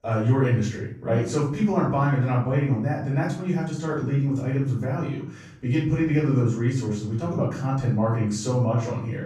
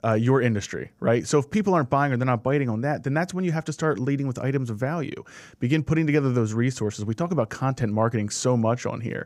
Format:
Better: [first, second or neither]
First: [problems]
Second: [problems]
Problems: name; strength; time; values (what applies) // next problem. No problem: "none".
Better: second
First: off-mic speech; far // room echo; noticeable; dies away in 0.7 s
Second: none